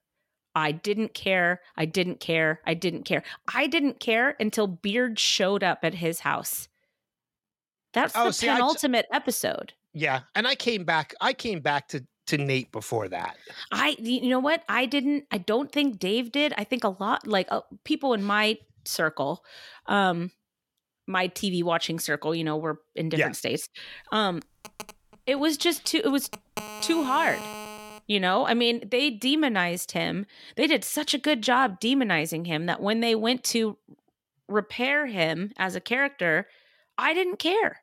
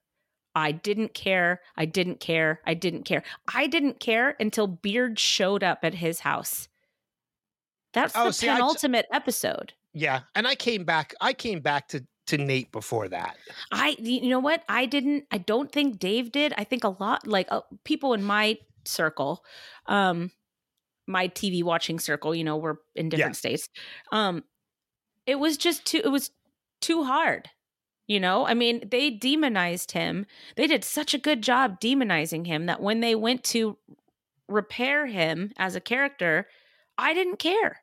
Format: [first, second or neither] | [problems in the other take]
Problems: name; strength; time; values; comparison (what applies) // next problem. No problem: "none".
second | phone ringing; faint; from 24 to 28 s; peak 10 dB below the speech